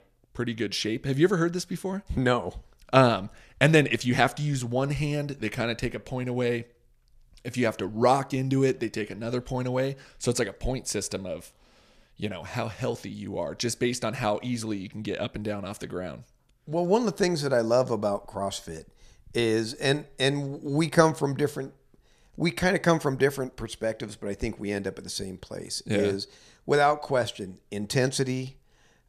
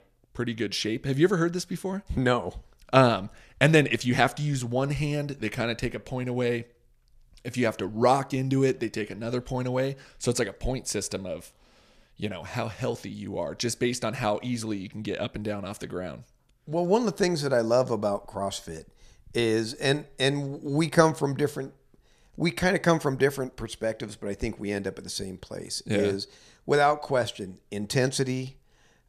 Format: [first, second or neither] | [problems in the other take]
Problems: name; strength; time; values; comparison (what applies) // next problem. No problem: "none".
neither | none